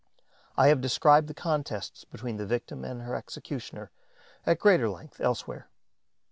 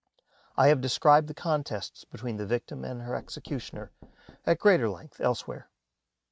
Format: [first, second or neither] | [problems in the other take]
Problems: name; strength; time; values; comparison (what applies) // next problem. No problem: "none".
first | noise reduction (neural mask model RNNoise)